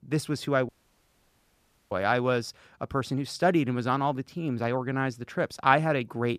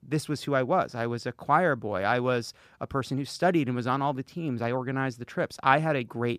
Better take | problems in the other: second | audio cutting out; at 0.5 s for 1 s

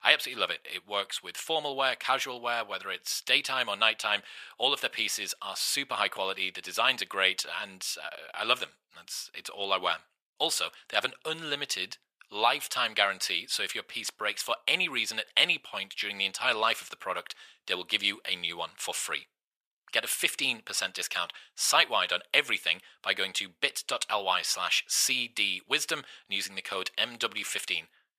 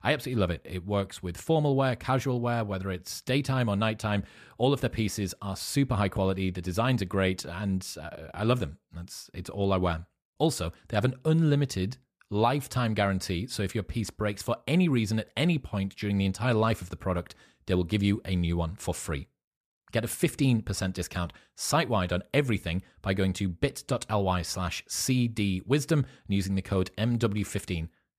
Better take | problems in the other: second | thin; very; fading below 900 Hz

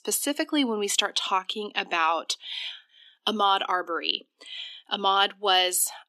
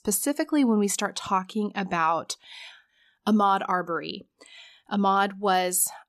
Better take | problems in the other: second | thin; very slightly; fading below 250 Hz

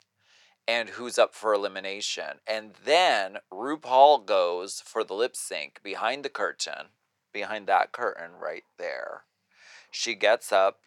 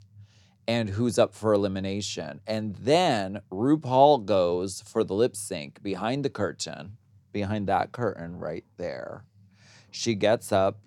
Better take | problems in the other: second | thin; very; fading below 650 Hz

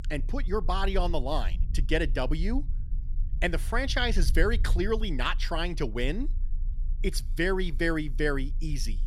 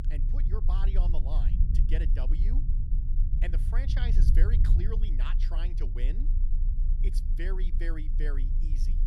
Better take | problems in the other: first | low rumble; loud; throughout; 5 dB below the speech; faint in the first

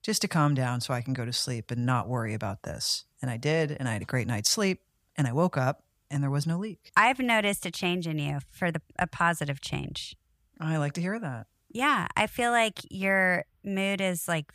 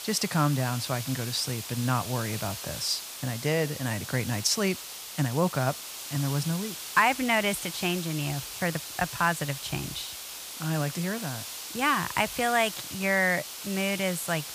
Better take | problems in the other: first | hiss; loud; throughout; 8 dB below the speech

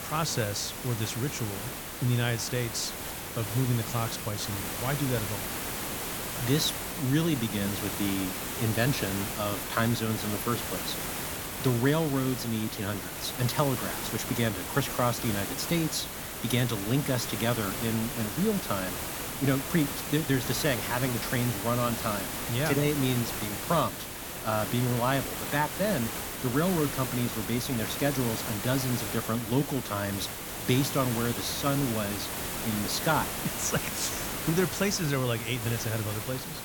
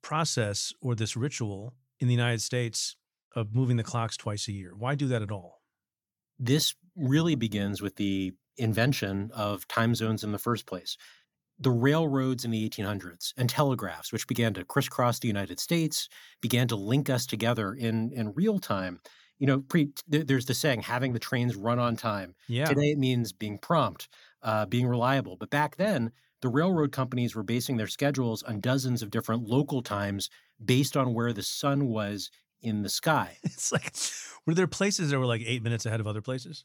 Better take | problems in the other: second | hiss; loud; throughout; 3 dB below the speech

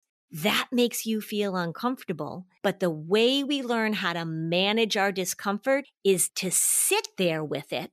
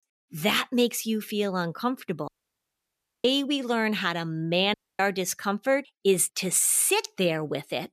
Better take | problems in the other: first | audio cutting out; at 2.5 s for 1 s and at 4.5 s

